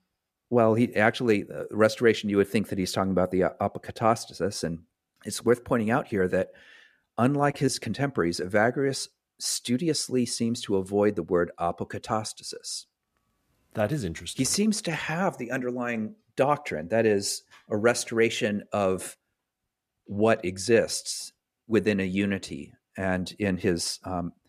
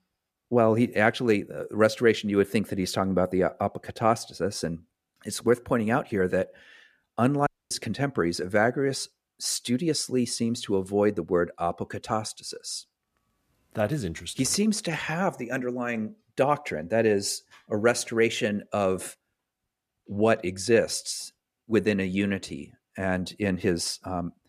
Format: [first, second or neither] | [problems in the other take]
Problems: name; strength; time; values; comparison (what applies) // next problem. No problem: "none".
first | audio cutting out; at 7.5 s